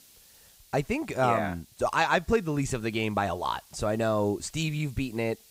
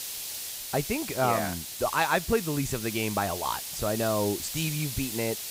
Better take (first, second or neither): first